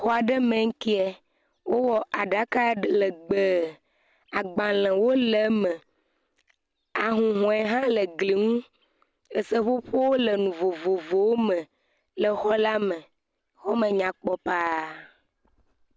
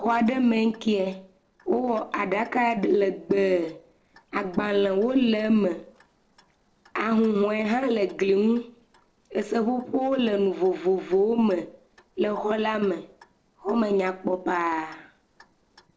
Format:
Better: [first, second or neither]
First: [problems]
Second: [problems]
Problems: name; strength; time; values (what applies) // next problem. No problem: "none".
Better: first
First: none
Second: noise reduction (neural separator model SepFormer DNS4)